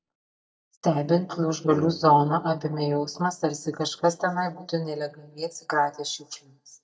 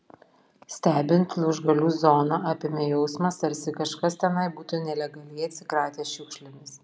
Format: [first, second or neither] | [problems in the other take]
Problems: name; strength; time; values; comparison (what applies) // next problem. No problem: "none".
second | noise reduction (neural mask model DeepFilterNet 3)